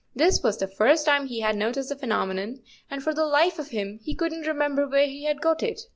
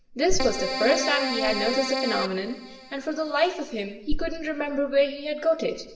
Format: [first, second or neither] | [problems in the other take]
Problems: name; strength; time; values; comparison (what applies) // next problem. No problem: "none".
first | background sound (Keyboard (musical)); 5 dB below the speech // room echo; dies away in 0.9 s